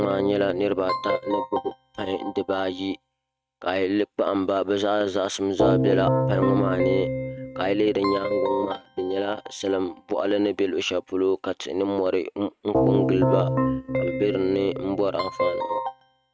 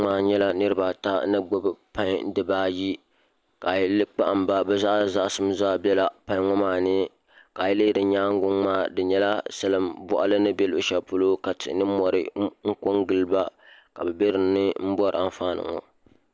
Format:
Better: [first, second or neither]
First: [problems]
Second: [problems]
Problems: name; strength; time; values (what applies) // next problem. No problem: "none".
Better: second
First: noise reduction (neural mask model RNNoise)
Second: none